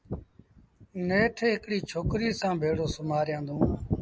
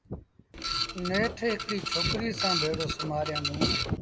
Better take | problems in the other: first | background sound (Printer); 1 dB below the speech

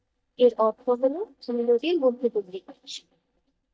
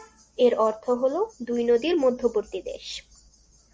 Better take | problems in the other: second | noise reduction (neural mask model DeepFilterNet 3)

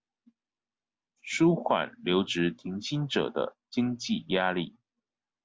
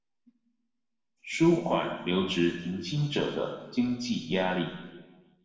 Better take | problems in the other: first | room echo; dies away in 1.1 s

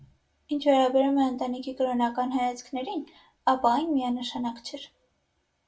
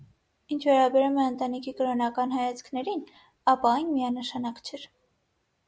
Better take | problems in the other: second | room echo; dies away in 0.2 s

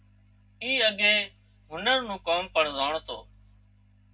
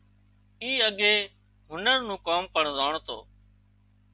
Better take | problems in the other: second | room echo; dies away in 0.3 s

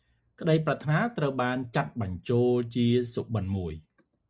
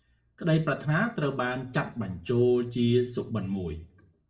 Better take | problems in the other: first | room echo; dies away in 0.4 s

